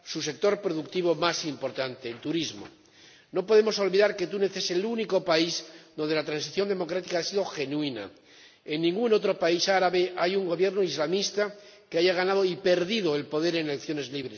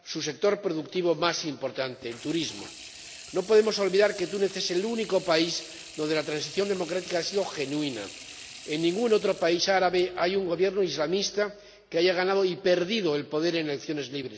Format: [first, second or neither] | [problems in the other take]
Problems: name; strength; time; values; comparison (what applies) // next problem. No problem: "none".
first | background sound (Sink (filling or washing) / Water tap, faucet); 20 dB below the speech